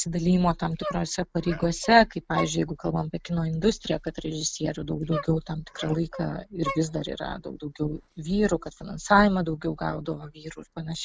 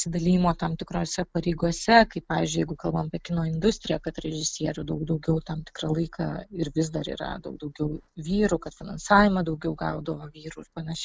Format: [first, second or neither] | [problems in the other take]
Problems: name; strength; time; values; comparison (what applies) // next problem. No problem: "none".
second | background sound (Dog); 14 dB below the speech